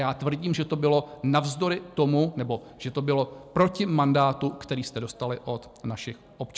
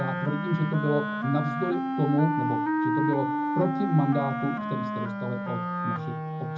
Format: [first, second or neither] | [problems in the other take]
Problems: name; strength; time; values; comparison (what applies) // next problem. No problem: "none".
first | background sound (Wind instrument, woodwind instrument); 1 dB below the speech // room echo; dies away in 0.4 s